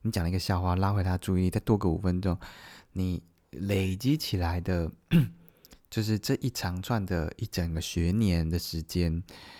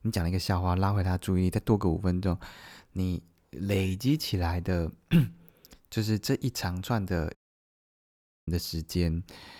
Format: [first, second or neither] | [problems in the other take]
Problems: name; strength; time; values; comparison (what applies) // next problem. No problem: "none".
first | audio cutting out; at 7.5 s for 1 s